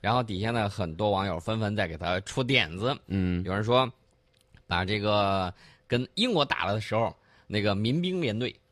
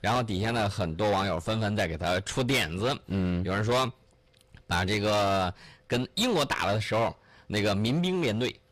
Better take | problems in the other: first | distortion; heavy; 14% of the sound clipped

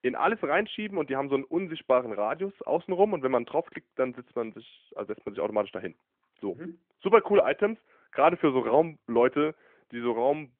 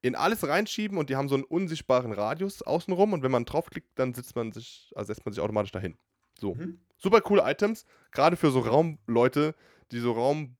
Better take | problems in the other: second | phone-call audio; nothing above 3.5 kHz

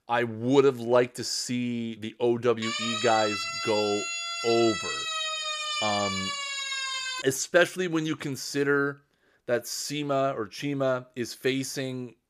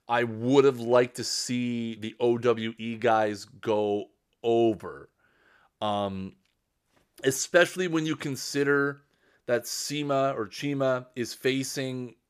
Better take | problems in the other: second | siren; noticeable; from 2.5 to 7 s; peak level with the speech

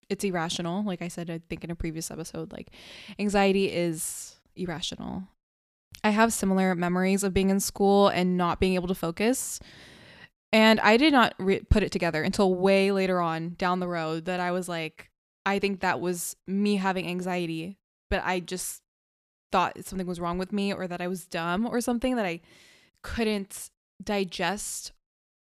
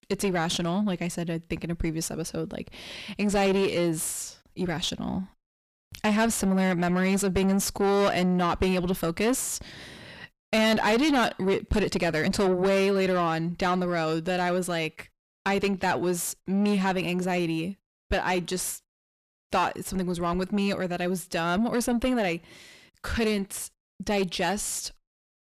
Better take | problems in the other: first | distortion; heavy; 6 dB below the speech

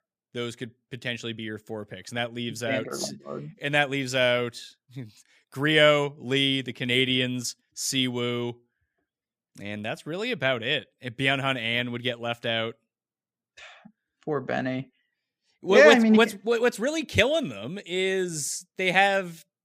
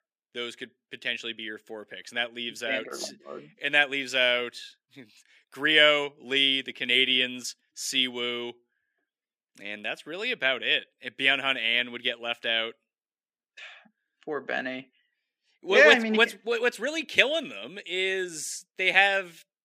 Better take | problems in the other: first | thin; very slightly; fading below 350 Hz

